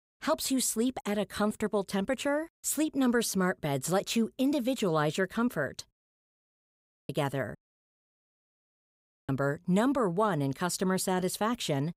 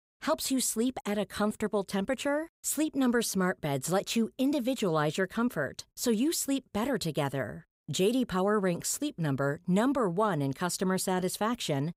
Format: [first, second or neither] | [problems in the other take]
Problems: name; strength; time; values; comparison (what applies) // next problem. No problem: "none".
second | audio cutting out; at 6 s for 1 s and at 7.5 s for 1.5 s